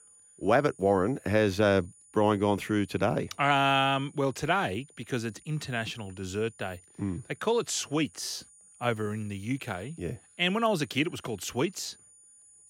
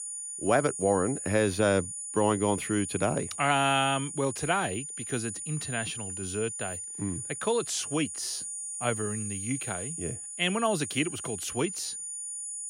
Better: first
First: high-pitched whine; faint; throughout; 9.5 kHz, 25 dB below the speech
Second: high-pitched whine; loud; throughout; 9.5 kHz, 5 dB below the speech

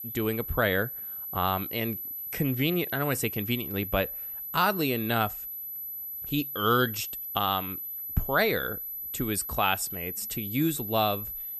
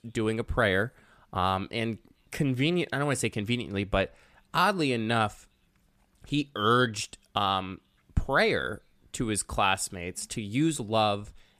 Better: second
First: high-pitched whine; loud; throughout; 12 kHz, 5 dB below the speech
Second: none

